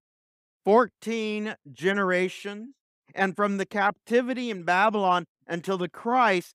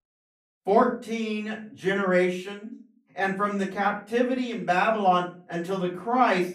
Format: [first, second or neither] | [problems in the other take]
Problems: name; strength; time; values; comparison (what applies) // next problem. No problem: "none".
first | off-mic speech; far // room echo; slight; dies away in 0.3 s